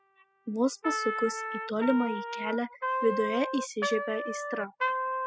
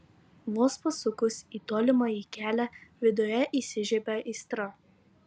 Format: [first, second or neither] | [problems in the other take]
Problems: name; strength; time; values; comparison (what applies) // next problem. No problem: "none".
second | noise reduction (classical method spectral subtraction)